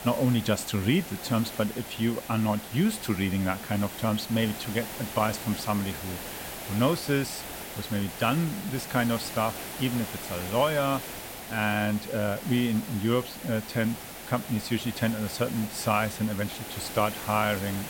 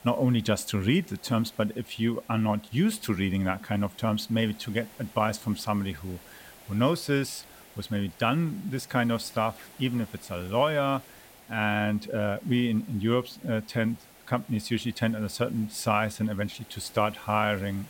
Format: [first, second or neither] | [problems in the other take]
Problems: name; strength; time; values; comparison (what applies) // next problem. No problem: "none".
second | hiss; loud; throughout; 9 dB below the speech; faint in the second